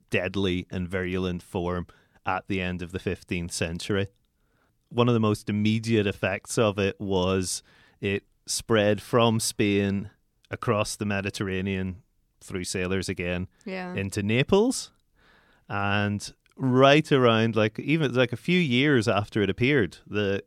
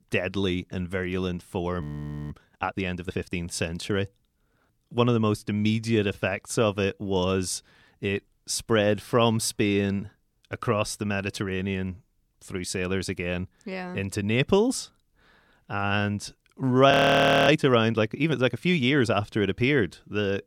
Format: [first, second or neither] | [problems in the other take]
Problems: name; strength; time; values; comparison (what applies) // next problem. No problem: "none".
first | audio freezing; at 2 s and at 17 s for 0.5 s